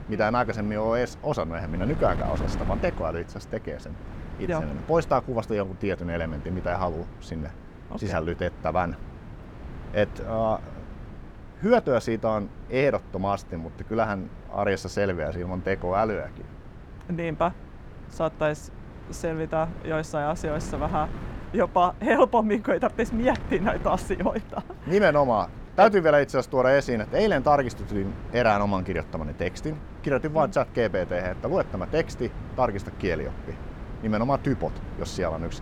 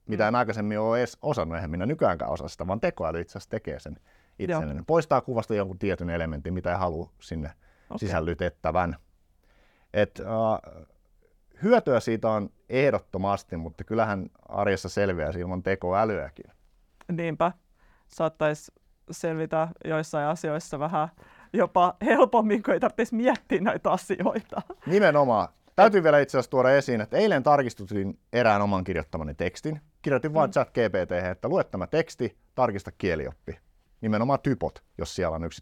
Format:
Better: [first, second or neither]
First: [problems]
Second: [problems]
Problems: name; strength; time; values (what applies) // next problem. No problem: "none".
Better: second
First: wind noise on the microphone; occasional gusts; 20 dB below the speech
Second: none